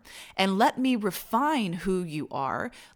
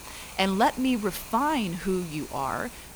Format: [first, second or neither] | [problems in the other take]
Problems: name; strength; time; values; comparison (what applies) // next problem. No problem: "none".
first | hiss; noticeable; throughout; 15 dB below the speech